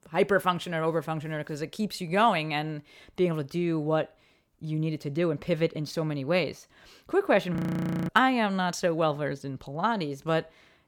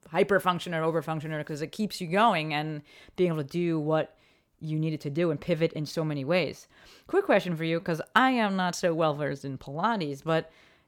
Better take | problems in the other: second | audio freezing; at 7.5 s for 0.5 s

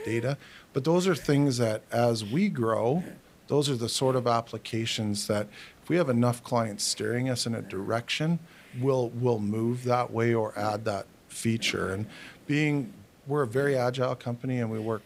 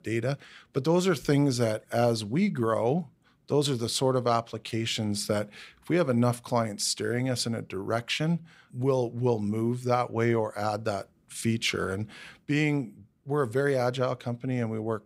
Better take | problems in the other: second | hiss; faint; throughout; 20 dB below the speech

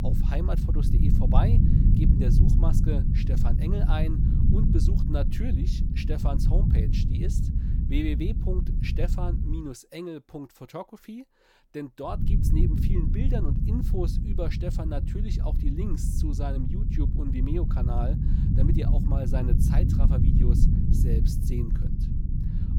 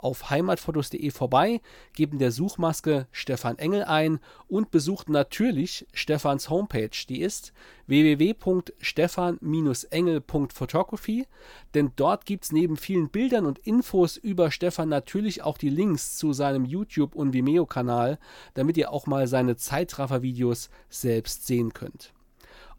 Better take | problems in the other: second | low rumble; loud; until 9.5 s and from 12 s on; 1 dB below the speech

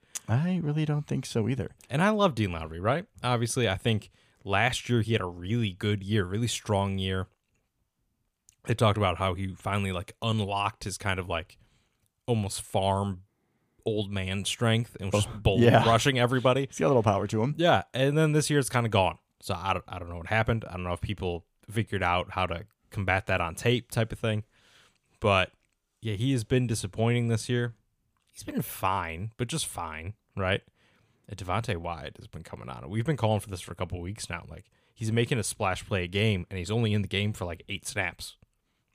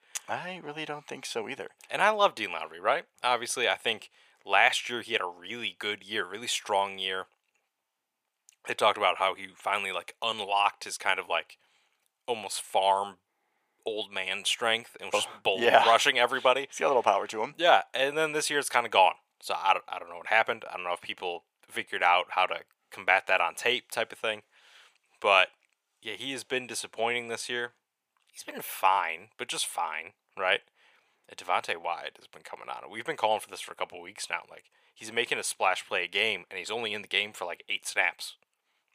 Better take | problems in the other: first | thin; very; fading below 600 Hz

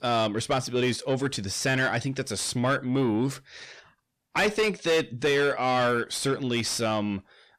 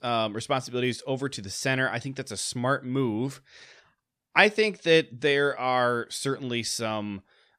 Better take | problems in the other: second | distortion; heavy; 7 dB below the speech

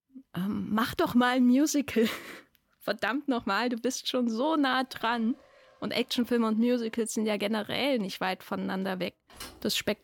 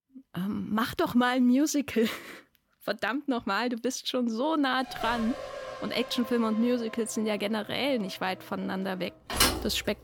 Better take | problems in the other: first | traffic noise; loud; from 5 s on; 4 dB below the speech; faint in the first

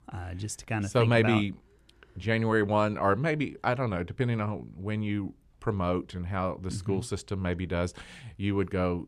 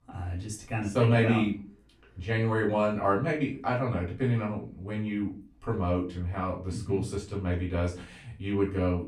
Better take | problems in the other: first | off-mic speech; far // room echo; slight; dies away in 0.3 s

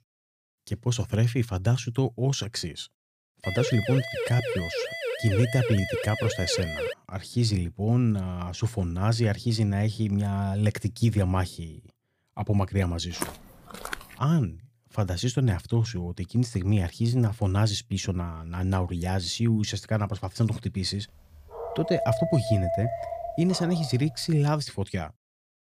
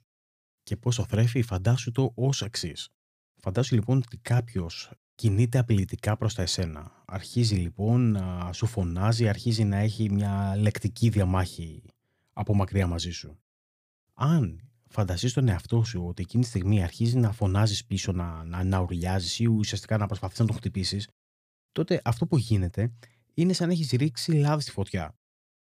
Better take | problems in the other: second | siren; noticeable; from 3.5 to 7 s; peak 3 dB below the speech // footsteps; noticeable; at 13 s; peak 8 dB below the speech // dog barking; noticeable; from 22 to 24 s; peak 2 dB below the speech

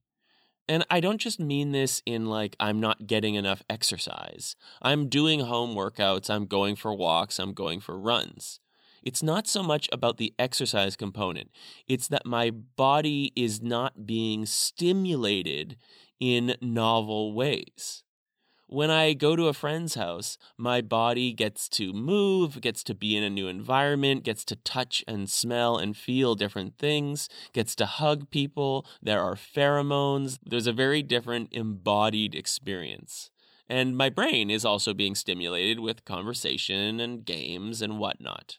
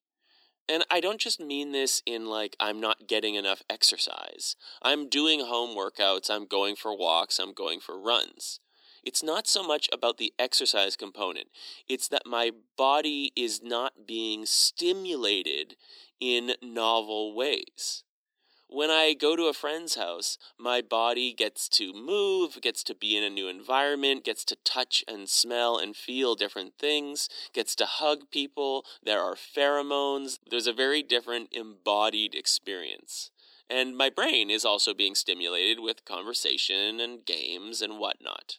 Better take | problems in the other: first | thin; somewhat; fading below 300 Hz

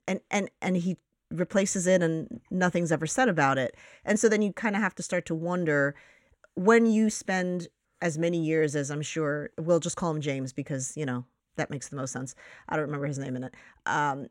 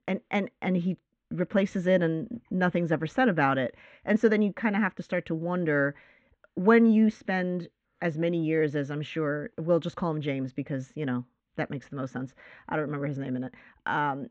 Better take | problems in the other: first | muffled; very; fading above 3.5 kHz

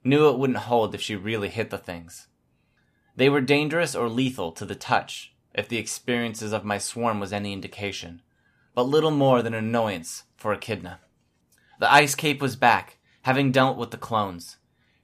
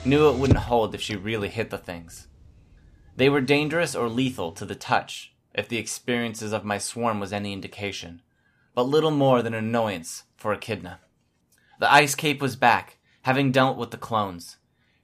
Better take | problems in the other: first | traffic noise; loud; until 4.5 s; 5 dB below the speech

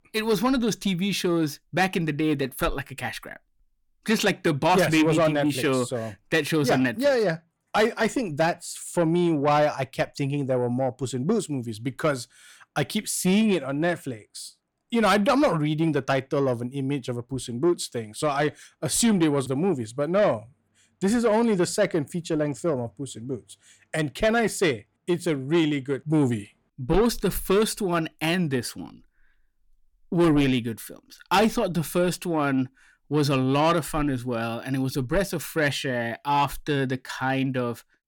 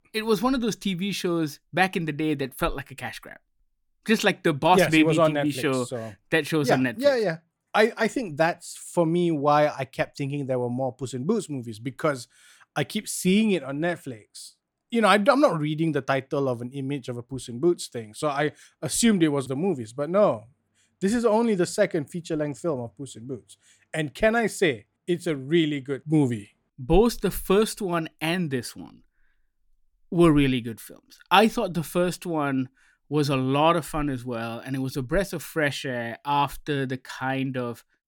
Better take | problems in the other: second | distortion; slight; 10 dB below the speech

